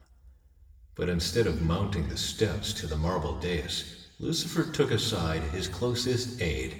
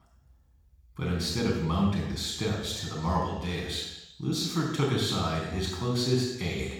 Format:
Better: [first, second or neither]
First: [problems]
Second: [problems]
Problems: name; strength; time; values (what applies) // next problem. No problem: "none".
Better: first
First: room echo; slight; dies away in 1 s // off-mic speech; somewhat distant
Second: room echo; strong; dies away in 0.9 s // off-mic speech; far